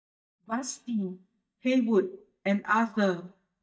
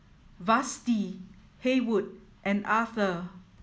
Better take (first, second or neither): second